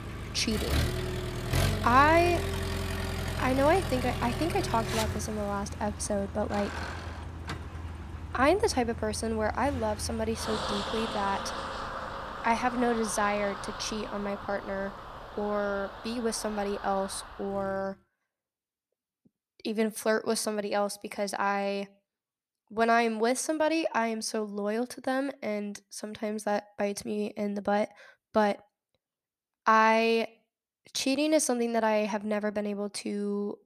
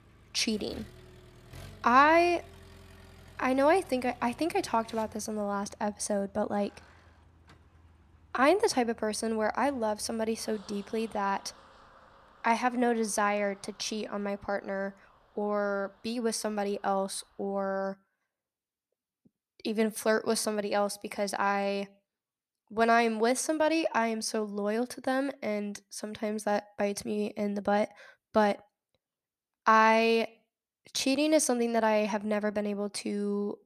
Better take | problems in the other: second | traffic noise; loud; until 17 s; 6 dB below the speech; faint in the second

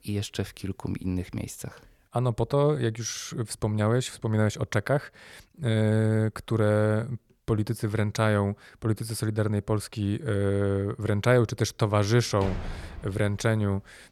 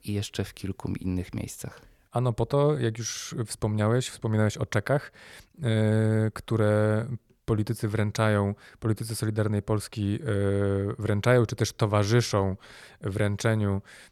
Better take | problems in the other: second | door banging; noticeable; from 12 to 13 s; peak 9 dB below the speech

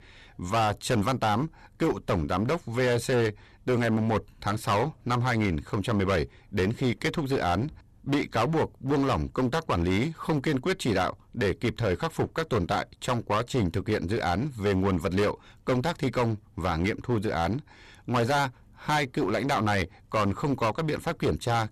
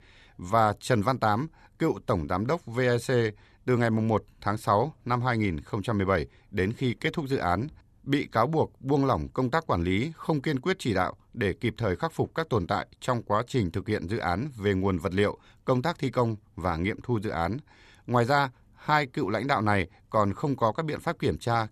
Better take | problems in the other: second | distortion; heavy; 14% of the sound clipped

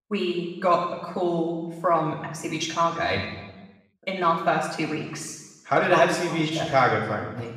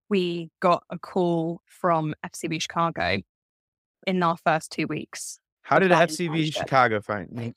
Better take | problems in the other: second | room echo; noticeable; dies away in 1.1 s // off-mic speech; far

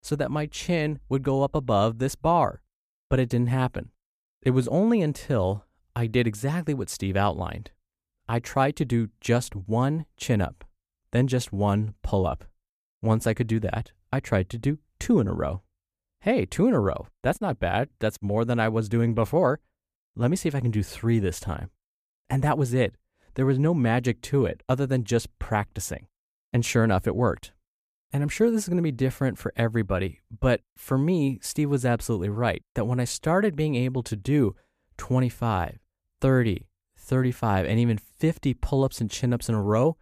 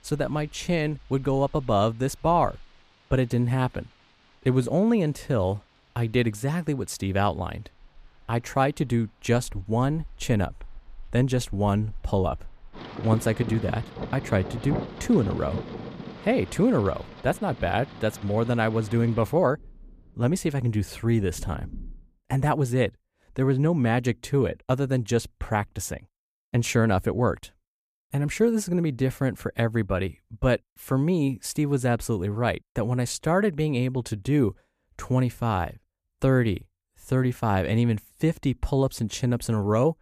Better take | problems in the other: first | rain or running water; noticeable; until 22 s; 15 dB below the speech

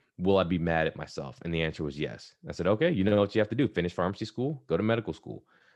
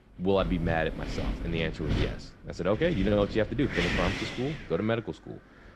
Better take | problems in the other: first | wind noise on the microphone; heavy; 6 dB below the speech

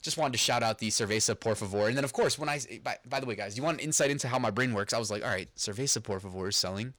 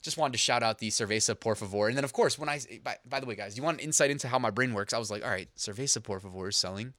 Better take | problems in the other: second | distortion; slight; 10 dB below the speech

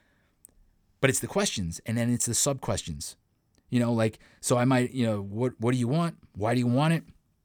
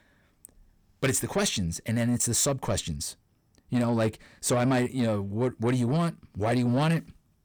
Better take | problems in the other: first | distortion; slight; 10 dB below the speech

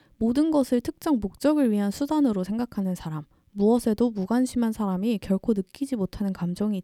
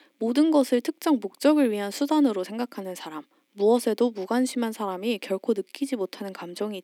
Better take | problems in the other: first | thin; very slightly; fading below 250 Hz

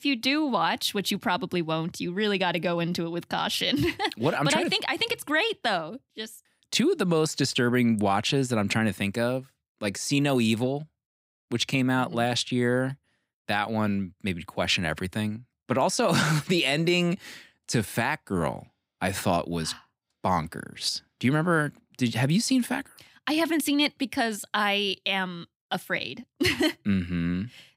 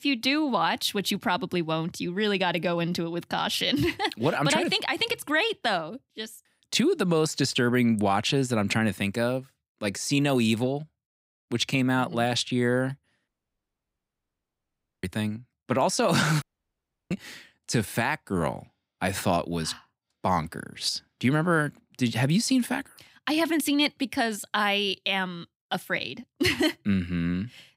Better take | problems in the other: first | audio cutting out; at 13 s for 2 s and at 16 s for 0.5 s

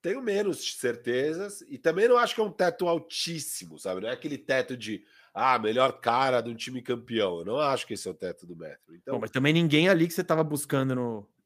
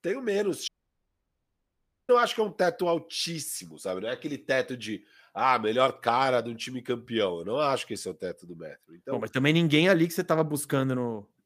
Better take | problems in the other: first | audio cutting out; at 0.5 s for 1.5 s

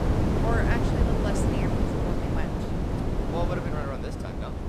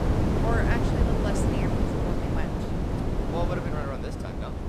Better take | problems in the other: neither | wind noise on the microphone; heavy; 3 dB above the speech; the same in both

